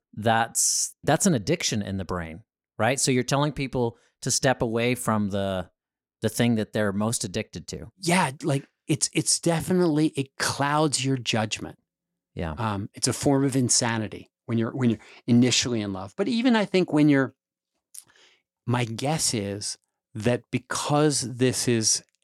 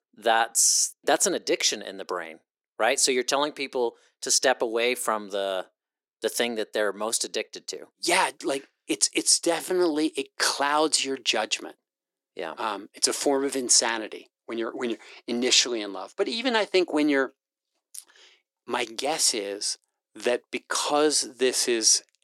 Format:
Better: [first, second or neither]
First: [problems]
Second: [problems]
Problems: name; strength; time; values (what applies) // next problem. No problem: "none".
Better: first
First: none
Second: thin; somewhat; fading below 350 Hz